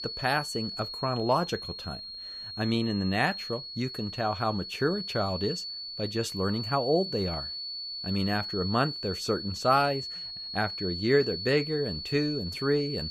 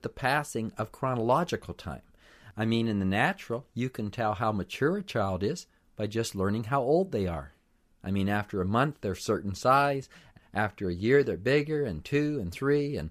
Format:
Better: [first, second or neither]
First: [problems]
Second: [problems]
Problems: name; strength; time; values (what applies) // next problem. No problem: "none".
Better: second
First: high-pitched whine; loud; throughout; 4.5 kHz, 6 dB below the speech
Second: none